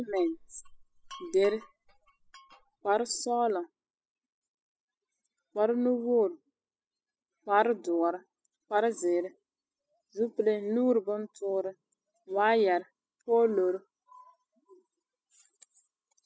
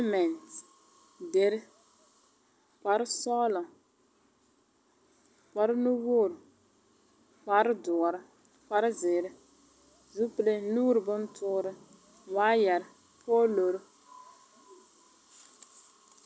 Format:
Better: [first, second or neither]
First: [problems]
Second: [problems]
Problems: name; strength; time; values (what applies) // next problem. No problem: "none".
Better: second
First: noise reduction (classical method spectral subtraction)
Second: none